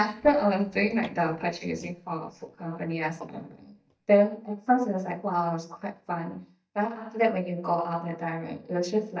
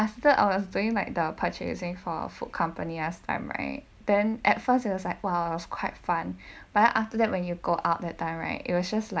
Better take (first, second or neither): second